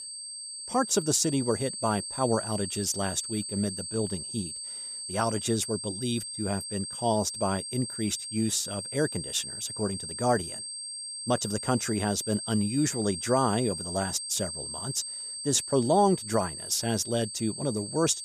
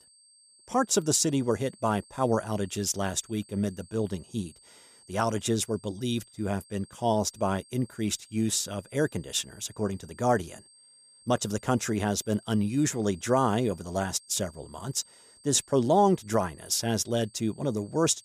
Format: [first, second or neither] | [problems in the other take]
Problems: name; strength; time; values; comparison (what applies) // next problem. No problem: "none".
second | high-pitched whine; loud; throughout; 8.5 kHz, 6 dB below the speech; faint in the second